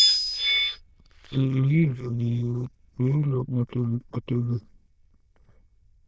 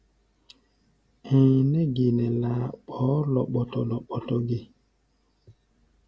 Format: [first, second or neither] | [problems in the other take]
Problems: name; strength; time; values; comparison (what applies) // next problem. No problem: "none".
second | noise reduction (neural diffusion model UNIVERSE++)